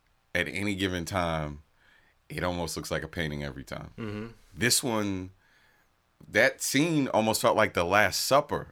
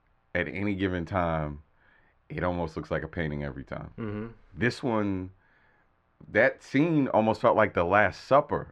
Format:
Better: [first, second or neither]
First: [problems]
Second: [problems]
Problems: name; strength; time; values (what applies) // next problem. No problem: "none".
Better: first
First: none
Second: muffled; very; fading above 2 kHz